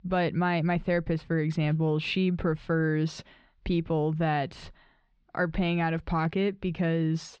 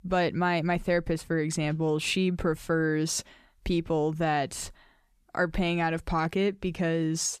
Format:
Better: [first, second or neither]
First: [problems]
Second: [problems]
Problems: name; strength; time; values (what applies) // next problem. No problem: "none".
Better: second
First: muffled; slightly; fading above 4 kHz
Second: none